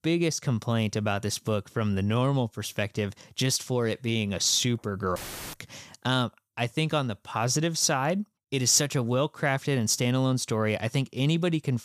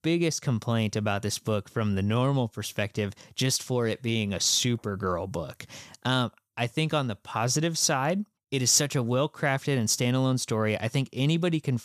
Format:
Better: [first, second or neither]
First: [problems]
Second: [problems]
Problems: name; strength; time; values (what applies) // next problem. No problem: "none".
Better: second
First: audio cutting out; filled with static; at 5 s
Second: none